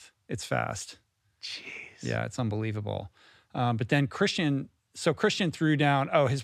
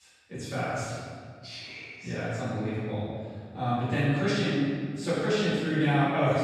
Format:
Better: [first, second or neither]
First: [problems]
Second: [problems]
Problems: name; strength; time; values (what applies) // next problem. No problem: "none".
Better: first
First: none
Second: off-mic speech; far // room echo; strong; dies away in 1.8 s